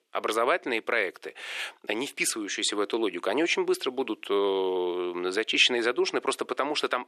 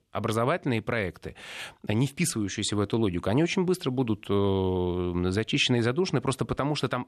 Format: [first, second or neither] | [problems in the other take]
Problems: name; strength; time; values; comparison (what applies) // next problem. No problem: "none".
second | thin; very; fading below 350 Hz